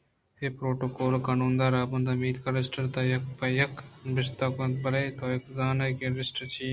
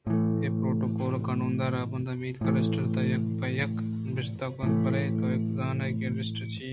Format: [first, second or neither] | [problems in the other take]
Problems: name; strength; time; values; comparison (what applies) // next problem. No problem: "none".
first | background sound (Electric guitar / Strum); 5 dB above the speech